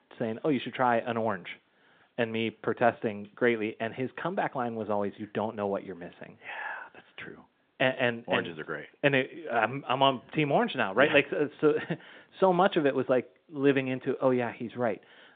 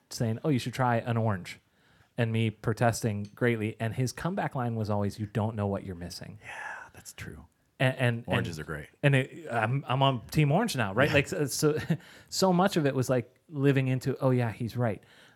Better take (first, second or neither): second